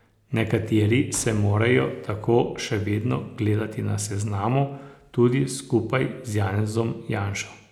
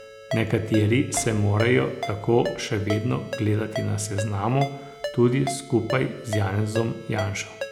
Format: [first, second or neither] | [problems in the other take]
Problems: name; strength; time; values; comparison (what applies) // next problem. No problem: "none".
first | background sound (Ringtone); 11 dB below the speech